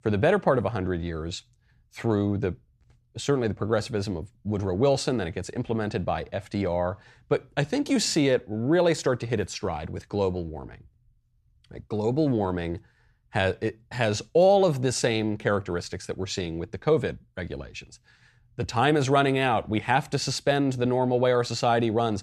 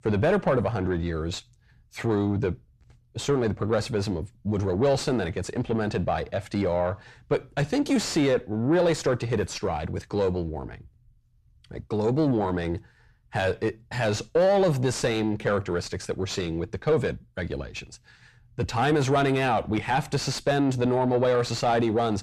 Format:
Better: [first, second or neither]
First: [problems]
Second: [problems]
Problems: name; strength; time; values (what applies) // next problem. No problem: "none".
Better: first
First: none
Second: distortion; slight; 9 dB below the speech